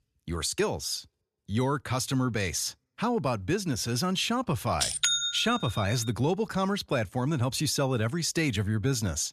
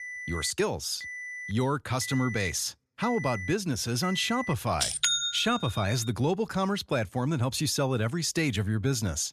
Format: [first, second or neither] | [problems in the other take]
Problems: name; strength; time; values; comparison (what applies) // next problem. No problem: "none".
first | alarm; noticeable; until 4.5 s; peak 8 dB below the speech